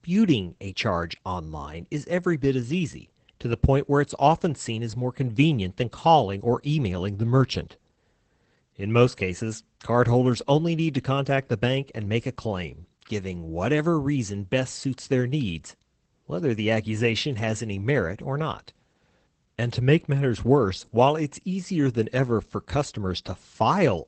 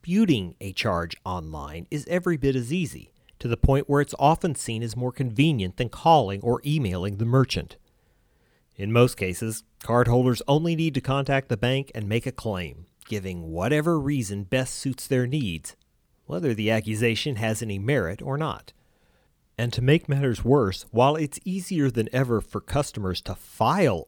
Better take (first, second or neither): second